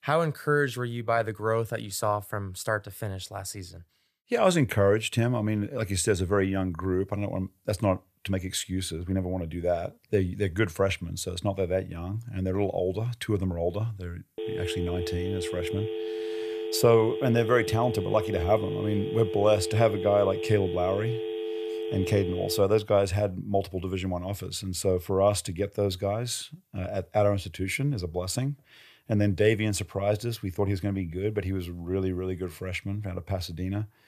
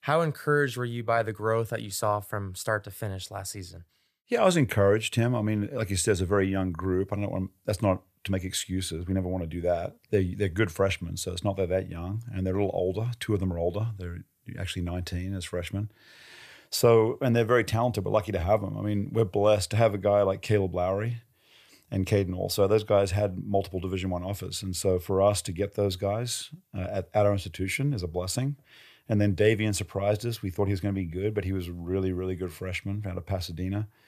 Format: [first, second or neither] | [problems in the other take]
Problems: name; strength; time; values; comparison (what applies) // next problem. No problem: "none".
second | phone ringing; noticeable; from 14 to 23 s; peak 5 dB below the speech